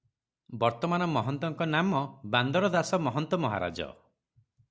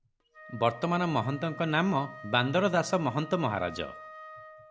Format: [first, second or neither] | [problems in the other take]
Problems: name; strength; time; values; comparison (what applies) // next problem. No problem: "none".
first | background sound (Wind instrument, woodwind instrument); 17 dB below the speech